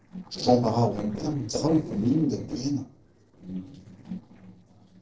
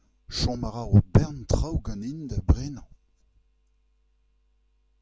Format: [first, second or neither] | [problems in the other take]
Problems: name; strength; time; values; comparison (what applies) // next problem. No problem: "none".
second | noise reduction (neural separator model SepFormer DNS4)